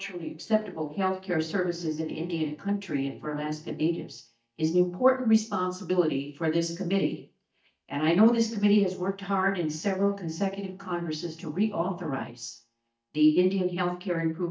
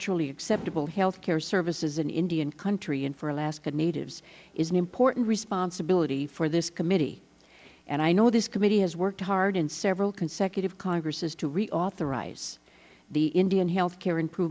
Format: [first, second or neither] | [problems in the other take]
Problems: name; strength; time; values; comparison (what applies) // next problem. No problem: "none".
second | noise reduction (neural mask model DeepFilterNet 3)